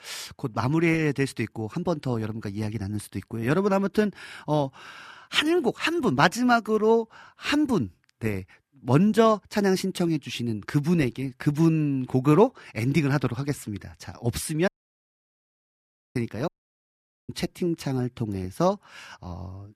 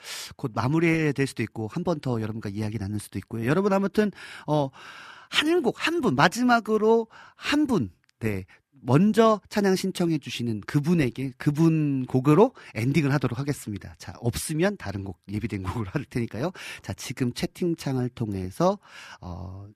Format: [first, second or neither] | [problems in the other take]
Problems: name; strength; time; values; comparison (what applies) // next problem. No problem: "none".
second | audio cutting out; at 15 s for 1.5 s and at 16 s for 1 s